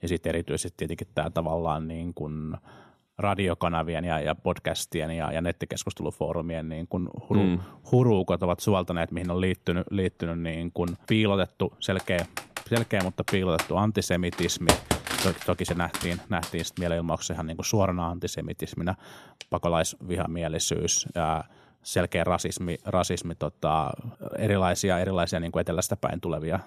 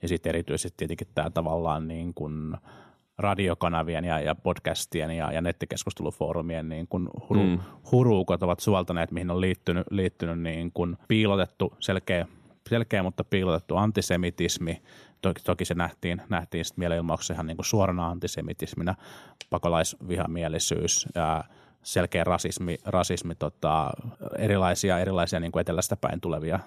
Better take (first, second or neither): second